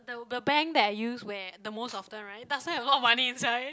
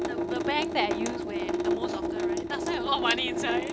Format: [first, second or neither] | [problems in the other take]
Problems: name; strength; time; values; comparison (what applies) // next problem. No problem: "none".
first | background sound (Drip / Sink (filling or washing) / Water tap, faucet); 2 dB above the speech